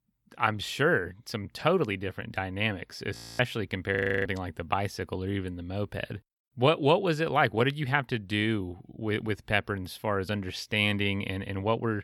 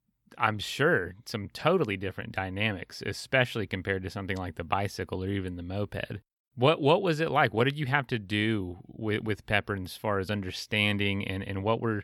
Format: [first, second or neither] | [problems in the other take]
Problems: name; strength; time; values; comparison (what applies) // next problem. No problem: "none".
second | audio freezing; at 3 s and at 4 s